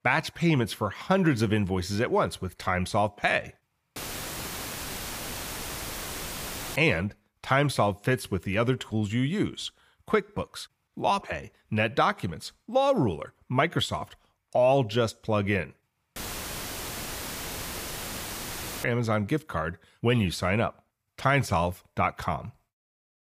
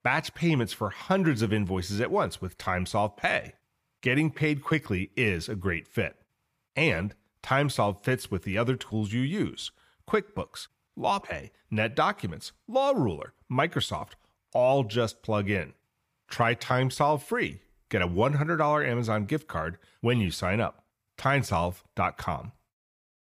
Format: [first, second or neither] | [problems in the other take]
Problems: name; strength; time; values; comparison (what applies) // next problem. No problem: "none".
second | audio cutting out; filled with static; at 4 s for 3 s and at 16 s for 2.5 s